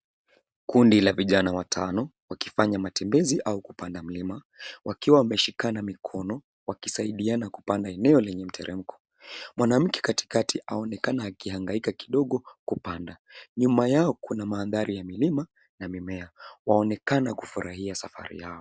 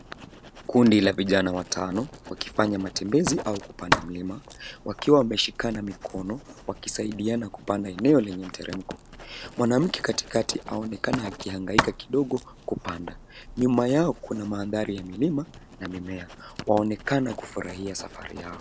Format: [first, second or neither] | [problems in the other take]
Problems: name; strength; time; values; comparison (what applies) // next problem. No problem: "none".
first | background sound (Writing); 10 dB below the speech